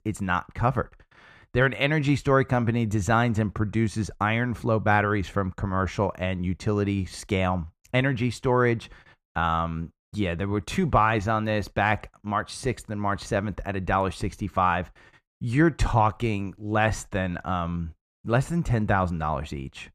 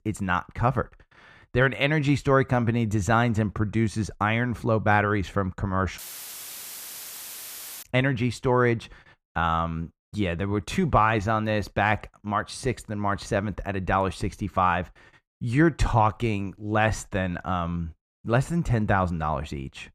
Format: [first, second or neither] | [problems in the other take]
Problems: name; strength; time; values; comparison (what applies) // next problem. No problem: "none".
first | audio cutting out; filled with static; at 6 s for 2 s